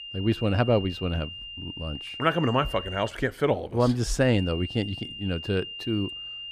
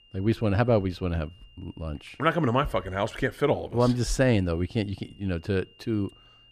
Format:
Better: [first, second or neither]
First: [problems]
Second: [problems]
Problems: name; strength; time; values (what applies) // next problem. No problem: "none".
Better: second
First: high-pitched whine; loud; until 3 s and from 4 s on; 3 kHz, 10 dB below the speech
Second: high-pitched whine; faint; until 3 s and from 4 s on; 3 kHz, 30 dB below the speech